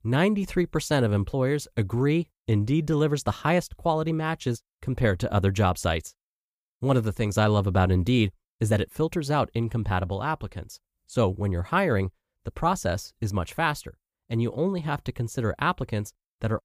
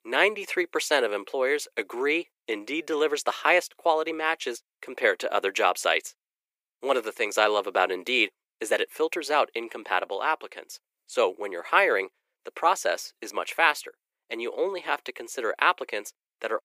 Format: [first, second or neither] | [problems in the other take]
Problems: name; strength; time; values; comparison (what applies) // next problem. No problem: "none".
first | thin; very; fading below 350 Hz